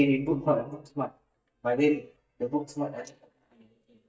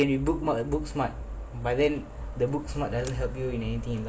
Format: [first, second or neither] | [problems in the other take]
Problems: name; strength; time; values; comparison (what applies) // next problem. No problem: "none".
second | noise reduction (neural mask model DeepFilterNet 3)